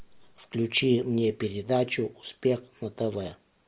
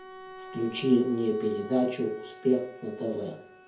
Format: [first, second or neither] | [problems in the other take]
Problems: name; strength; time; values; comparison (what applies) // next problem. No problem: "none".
first | background sound (Bowed string instrument); 17 dB below the speech // room echo; dies away in 0.5 s